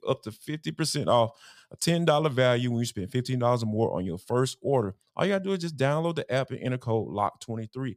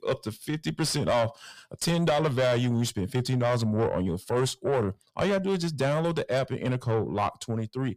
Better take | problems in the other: first | distortion; heavy; 7 dB below the speech

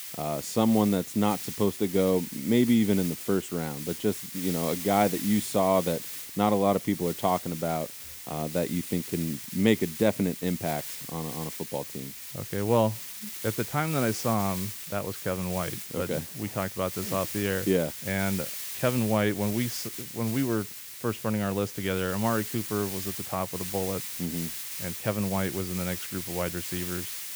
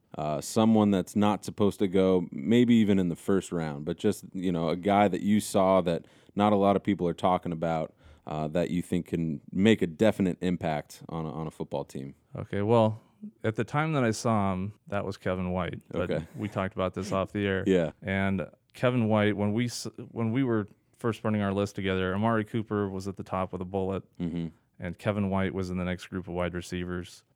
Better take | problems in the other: second | hiss; loud; throughout; 7 dB below the speech

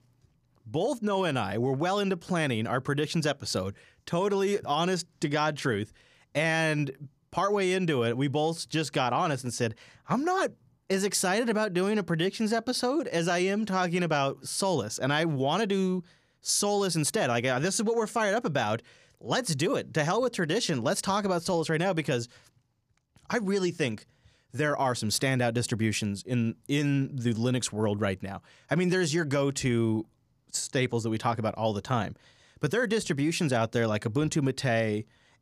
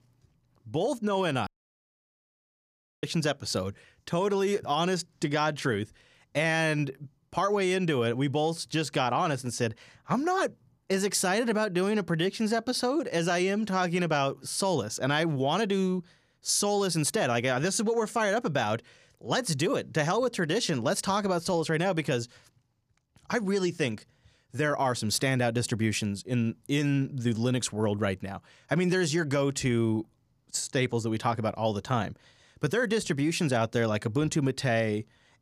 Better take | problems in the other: first | audio cutting out; at 1.5 s for 1.5 s

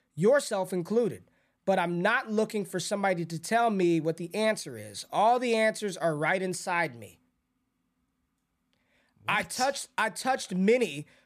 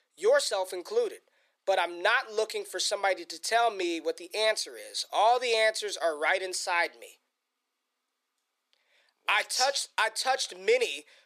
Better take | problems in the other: first | thin; very; fading below 400 Hz

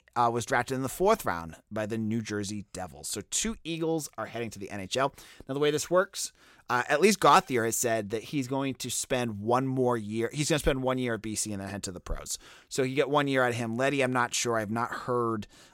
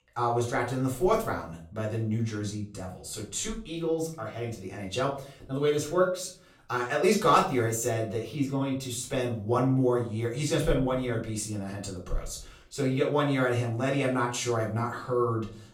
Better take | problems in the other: first | room echo; slight; dies away in 0.4 s // off-mic speech; far

